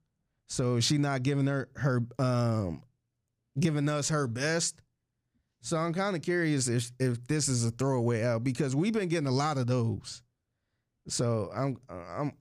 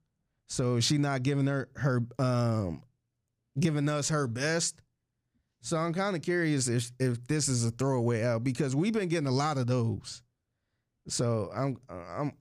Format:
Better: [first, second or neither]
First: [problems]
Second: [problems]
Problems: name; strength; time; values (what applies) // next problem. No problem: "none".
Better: neither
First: none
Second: none